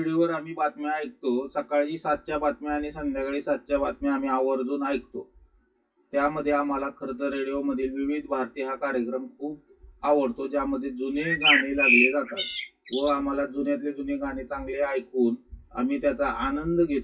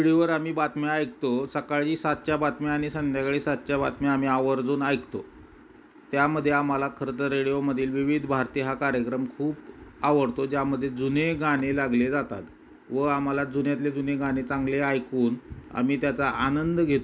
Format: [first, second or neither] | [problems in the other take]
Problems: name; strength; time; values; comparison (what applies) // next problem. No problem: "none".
second | noise reduction (classical method WPE with log-MMSE)